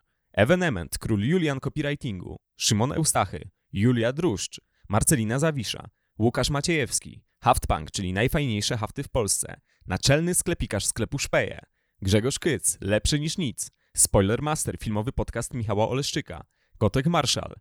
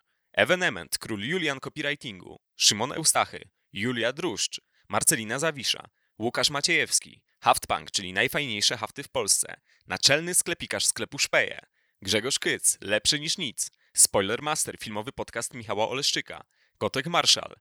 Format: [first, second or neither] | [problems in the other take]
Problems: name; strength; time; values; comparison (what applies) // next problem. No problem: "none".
first | thin; somewhat; fading below 650 Hz